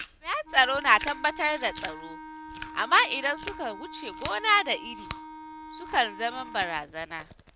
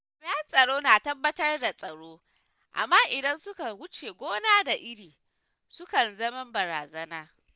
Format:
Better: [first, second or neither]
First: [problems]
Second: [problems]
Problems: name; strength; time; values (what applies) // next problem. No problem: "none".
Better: second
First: background sound (Chewing, mastication + Wind instrument, woodwind instrument); 13 dB below the speech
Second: none